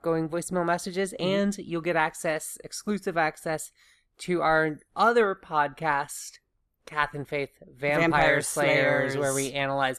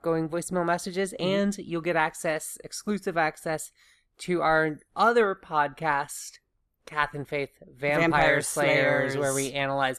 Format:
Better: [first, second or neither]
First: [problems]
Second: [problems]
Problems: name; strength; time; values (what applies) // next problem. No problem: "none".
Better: neither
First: none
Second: none